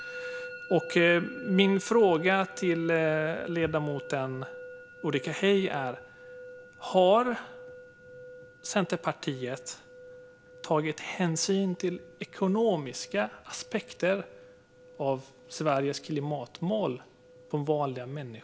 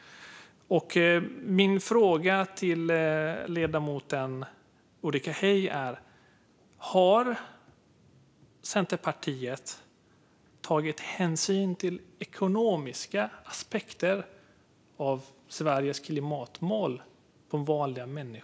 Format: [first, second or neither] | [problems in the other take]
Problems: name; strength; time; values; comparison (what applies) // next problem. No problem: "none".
second | background sound (Musical instrument); 16 dB below the speech